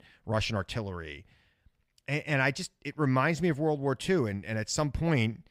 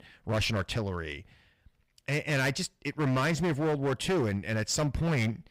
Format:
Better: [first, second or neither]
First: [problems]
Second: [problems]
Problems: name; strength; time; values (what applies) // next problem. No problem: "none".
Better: first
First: none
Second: distortion; heavy; 15% of the sound clipped